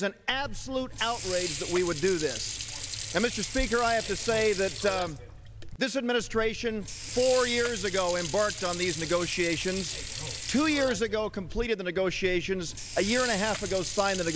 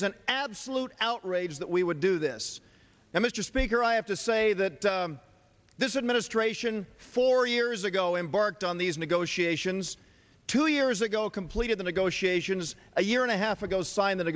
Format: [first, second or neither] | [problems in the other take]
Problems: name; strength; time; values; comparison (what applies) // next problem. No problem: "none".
second | background sound (Sink (filling or washing) / Water); 8 dB below the speech